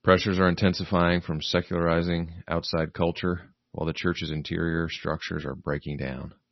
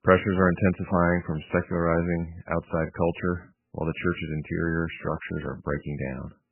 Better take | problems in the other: first | garbled, watery; badly; nothing above 3 kHz; slightly in the first

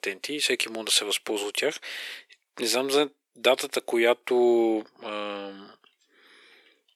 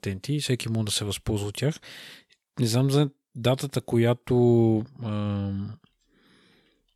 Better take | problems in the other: second | thin; very; fading below 350 Hz

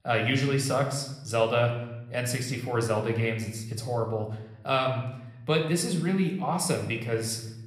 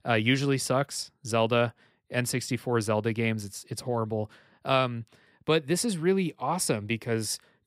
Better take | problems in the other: second | room echo; slight; dies away in 0.8 s

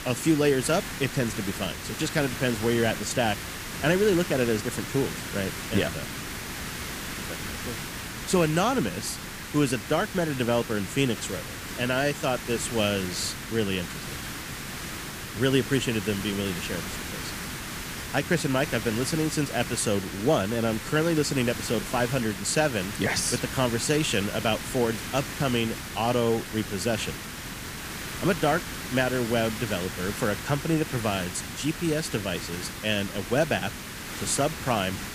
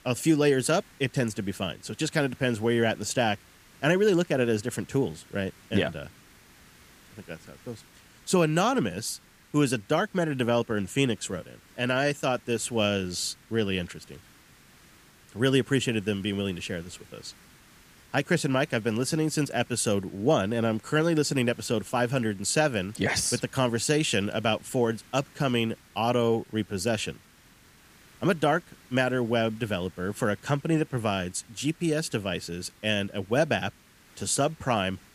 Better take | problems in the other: second | hiss; loud; throughout; 7 dB below the speech; faint in the second

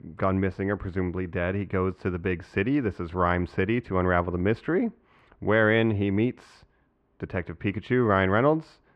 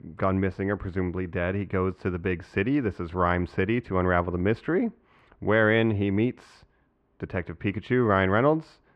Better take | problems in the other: neither | muffled; very; fading above 2 kHz; the same in both

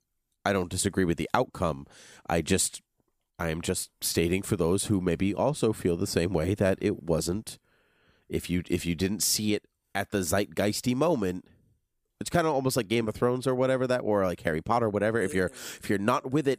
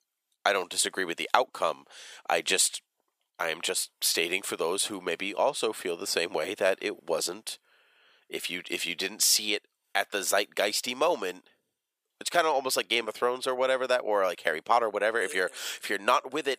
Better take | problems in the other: first | thin; very; fading below 650 Hz

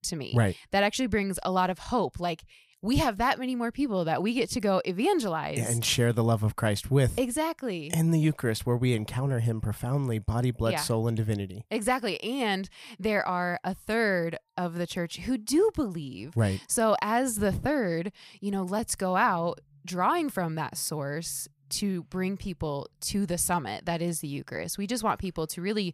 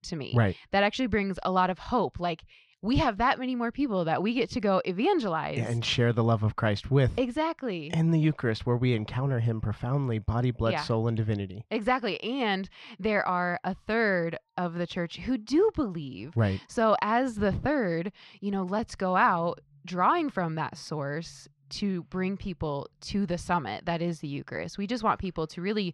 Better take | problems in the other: first | muffled; very slightly; fading above 4.5 kHz

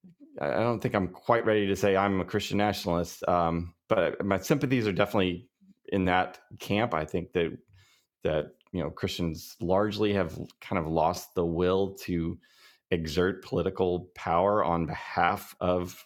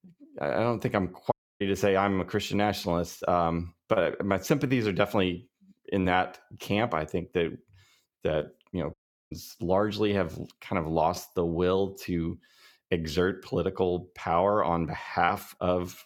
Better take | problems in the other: first | audio cutting out; at 1.5 s and at 9 s

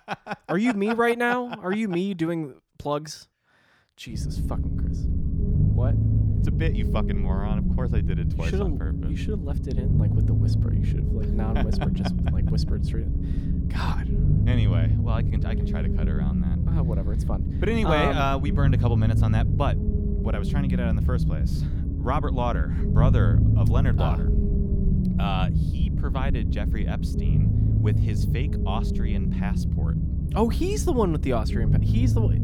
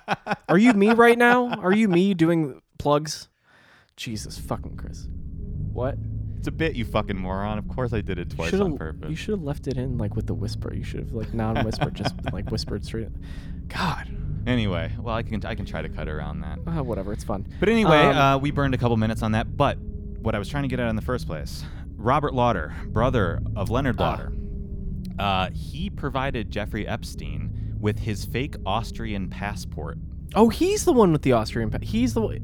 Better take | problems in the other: second | low rumble; loud; from 4 s on; 6 dB below the speech; faint in the second

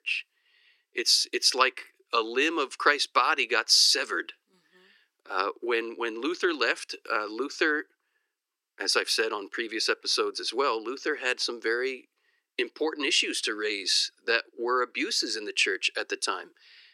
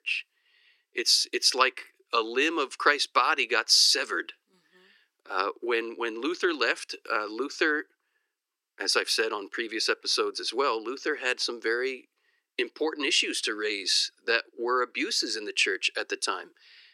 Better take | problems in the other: neither | thin; very; fading below 350 Hz; the same in both

